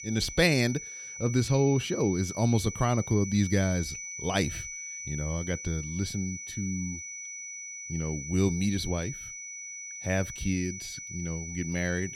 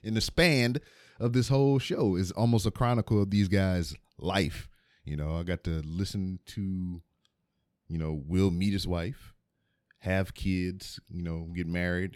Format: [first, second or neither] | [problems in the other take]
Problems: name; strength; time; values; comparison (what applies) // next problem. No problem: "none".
second | high-pitched whine; loud; throughout; 6 kHz, 8 dB below the speech